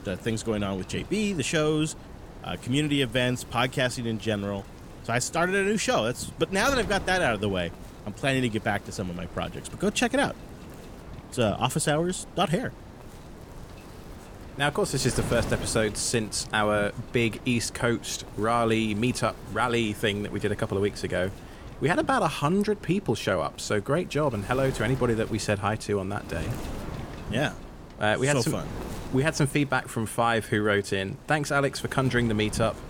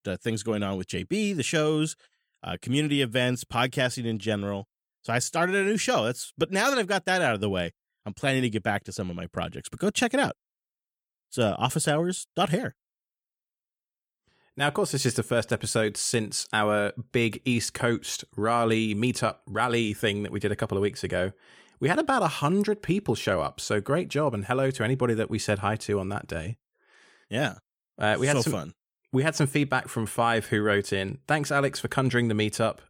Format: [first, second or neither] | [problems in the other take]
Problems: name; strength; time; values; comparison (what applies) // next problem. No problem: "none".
second | wind noise on the microphone; occasional gusts; 15 dB below the speech